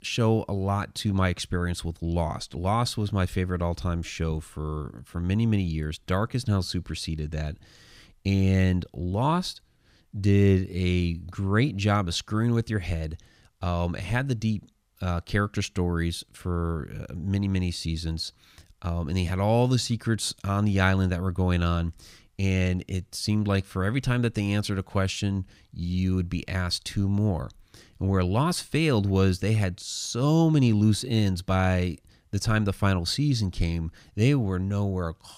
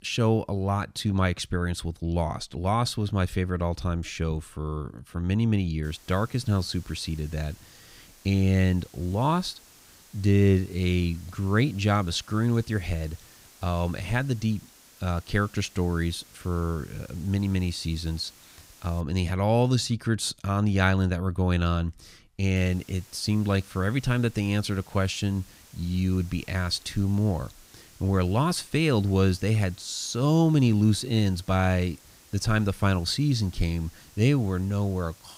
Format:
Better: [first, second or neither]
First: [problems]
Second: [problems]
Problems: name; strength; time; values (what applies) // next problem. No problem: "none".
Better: first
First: none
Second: hiss; faint; from 6 to 19 s and from 23 s on; 25 dB below the speech